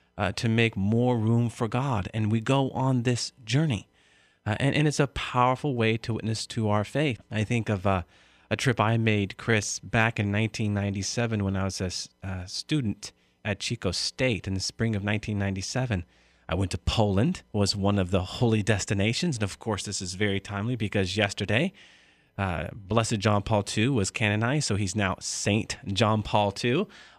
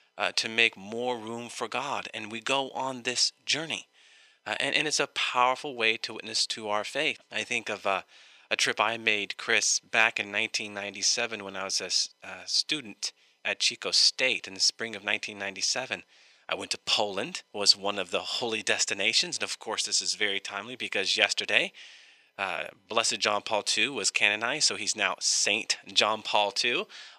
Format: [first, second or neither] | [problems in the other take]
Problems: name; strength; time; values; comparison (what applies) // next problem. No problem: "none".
first | thin; very; fading below 500 Hz